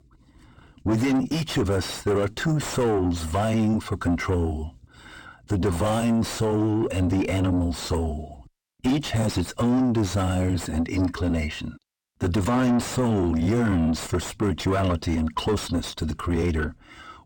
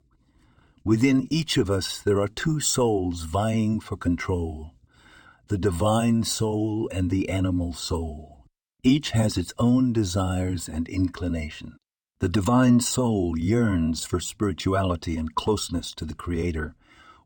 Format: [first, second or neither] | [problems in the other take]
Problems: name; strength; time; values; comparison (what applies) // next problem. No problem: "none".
second | distortion; heavy; 7 dB below the speech